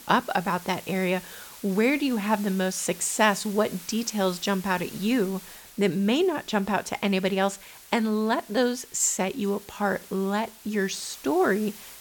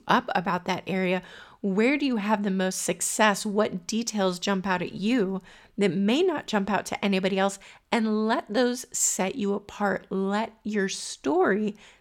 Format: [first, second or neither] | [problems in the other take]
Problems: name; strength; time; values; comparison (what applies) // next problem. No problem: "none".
second | hiss; noticeable; throughout; 15 dB below the speech